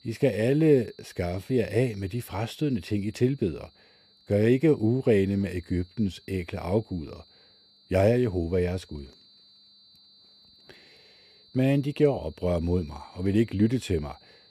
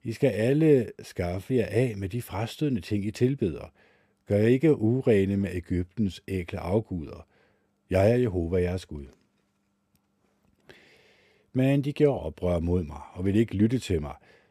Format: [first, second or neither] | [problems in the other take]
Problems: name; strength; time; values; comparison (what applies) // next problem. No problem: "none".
second | high-pitched whine; faint; throughout; 4 kHz, 30 dB below the speech